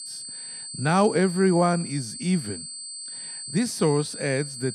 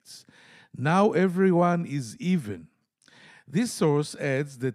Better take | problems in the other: second | high-pitched whine; loud; throughout; 8 kHz, 10 dB below the speech

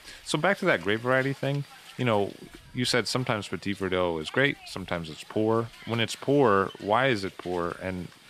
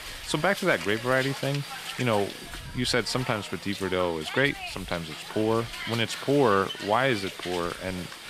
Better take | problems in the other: first | hiss; loud; throughout; 9 dB below the speech; faint in the first

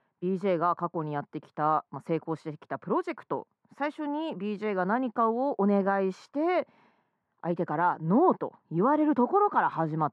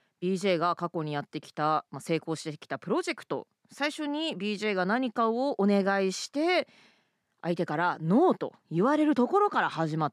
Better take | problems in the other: second | muffled; very; fading above 2.5 kHz

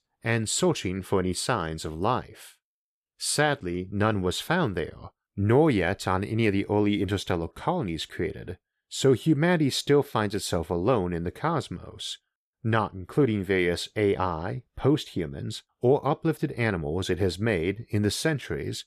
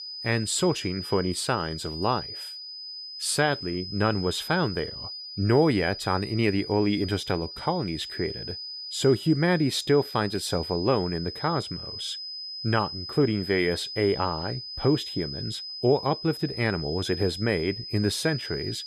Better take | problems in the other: first | high-pitched whine; loud; throughout; 5 kHz, 9 dB below the speech

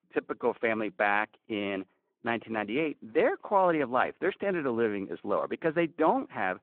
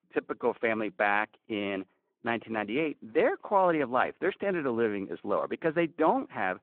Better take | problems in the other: neither | phone-call audio; the same in both

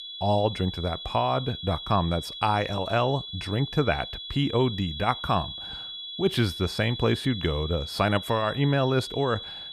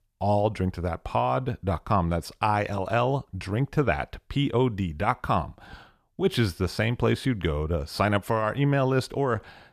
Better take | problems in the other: second | high-pitched whine; loud; throughout; 3.5 kHz, 9 dB below the speech

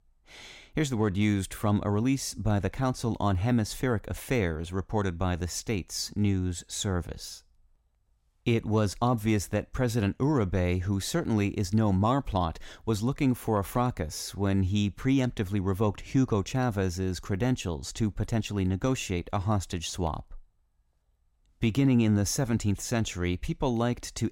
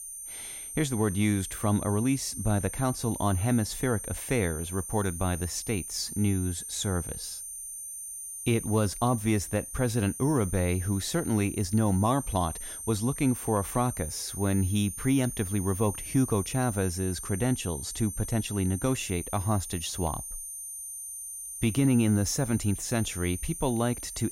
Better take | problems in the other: first | high-pitched whine; loud; throughout; 9 kHz, 8 dB below the speech

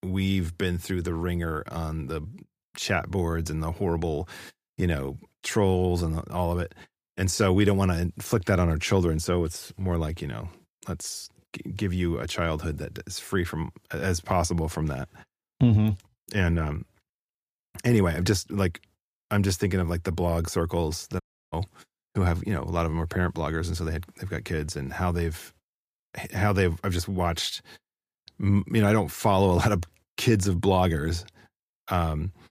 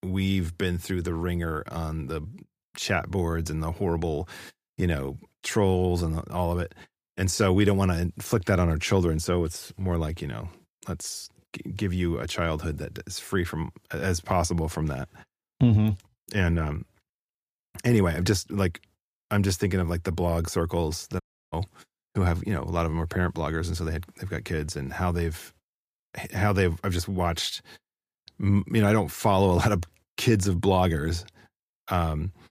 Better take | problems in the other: neither | audio cutting out; at 21 s; the same in both

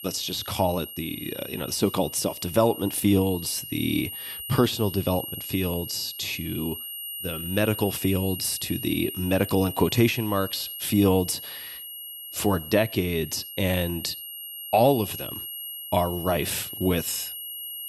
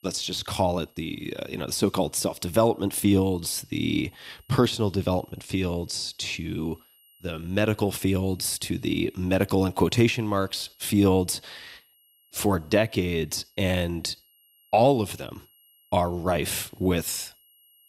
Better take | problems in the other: second | high-pitched whine; loud; throughout; 11.5 kHz, 9 dB below the speech; faint in the second

